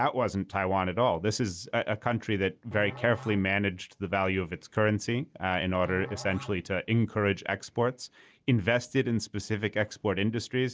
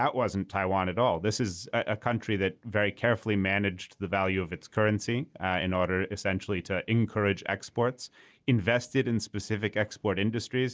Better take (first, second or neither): second